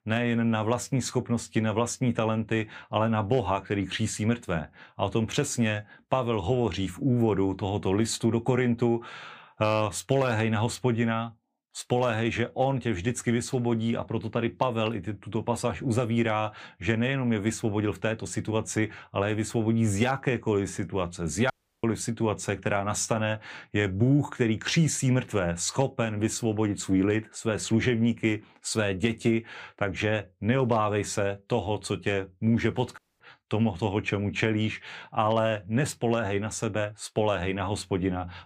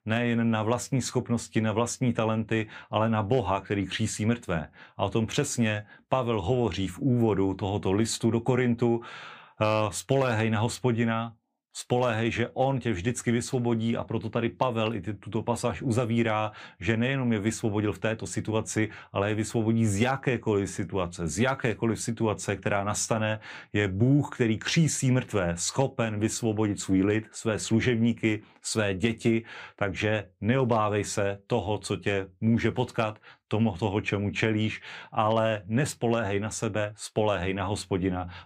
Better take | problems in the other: second | audio cutting out; at 22 s and at 33 s

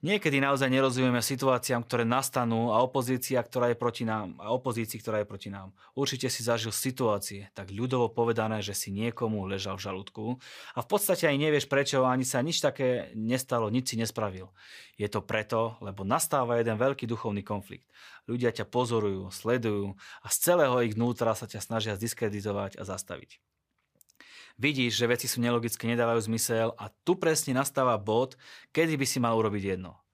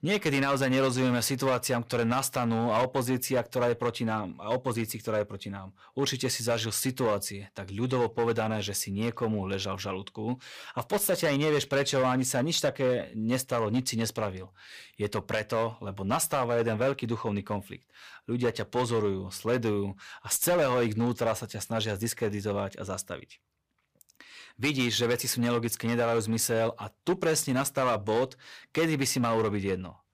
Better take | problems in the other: first | distortion; slight; 6% of the sound clipped

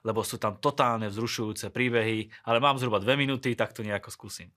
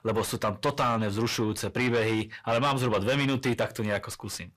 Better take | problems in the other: first | distortion; heavy; 6 dB below the speech

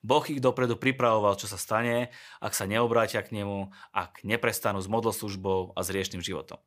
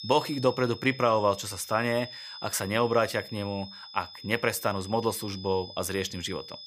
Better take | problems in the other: first | high-pitched whine; noticeable; throughout; 5 kHz, 15 dB below the speech

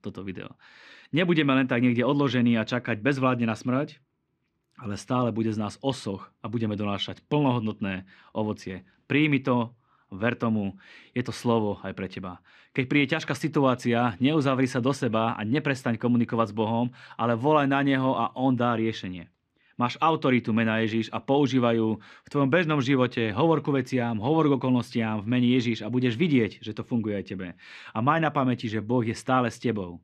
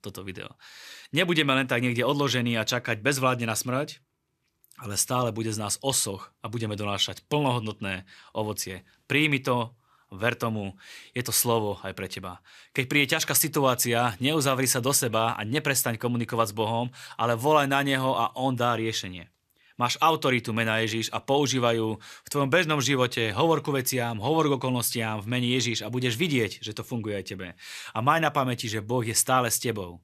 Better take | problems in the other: second | muffled; slightly; fading above 3 kHz

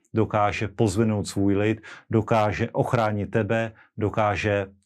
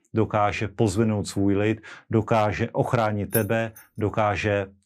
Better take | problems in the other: first | jangling keys; noticeable; at 3.5 s; peak 7 dB below the speech

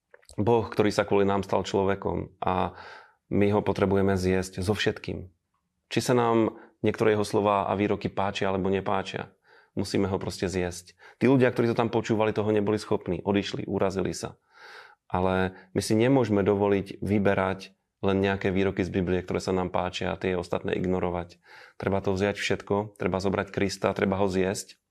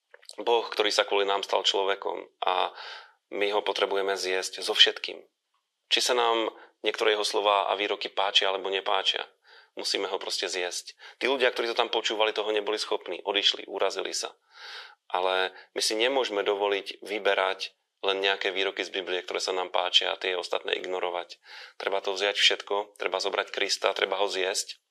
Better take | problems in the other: first | thin; very; fading below 450 Hz

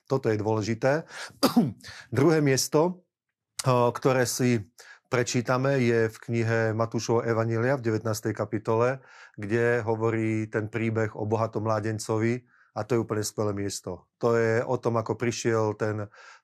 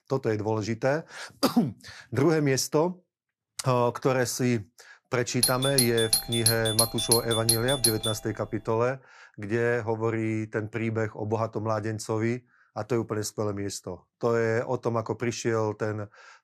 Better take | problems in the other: first | doorbell; loud; from 5.5 to 8 s; peak 5 dB above the speech

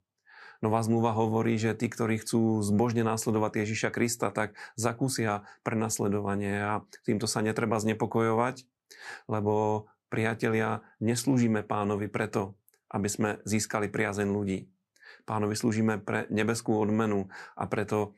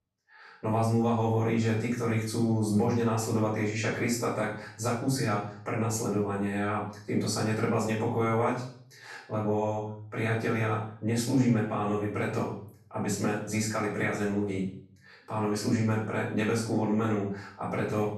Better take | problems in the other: first | off-mic speech; far // room echo; noticeable; dies away in 0.5 s

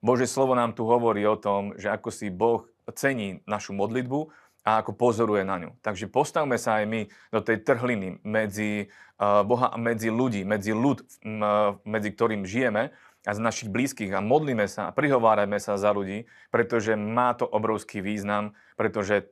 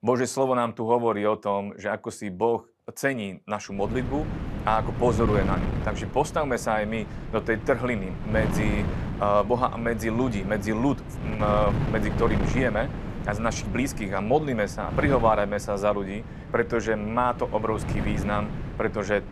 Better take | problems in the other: first | wind noise on the microphone; occasional gusts; from 4 s on; 10 dB below the speech

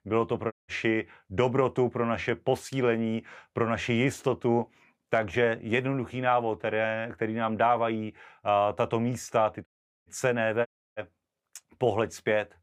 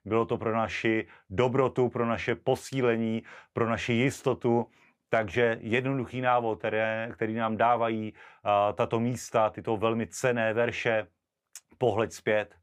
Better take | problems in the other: second | audio cutting out; at 0.5 s, at 9.5 s and at 11 s

